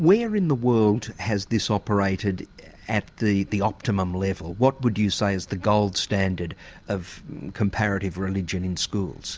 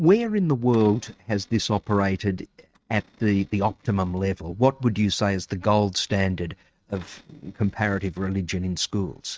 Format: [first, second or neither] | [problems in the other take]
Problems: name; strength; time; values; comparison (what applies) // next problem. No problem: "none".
first | noise reduction (neural mask model RNNoise)